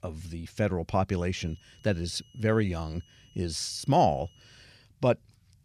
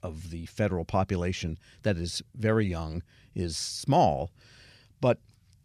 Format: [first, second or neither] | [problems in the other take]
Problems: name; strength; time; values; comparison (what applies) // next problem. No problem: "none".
second | high-pitched whine; faint; from 1.5 to 4.5 s; 3 kHz, 30 dB below the speech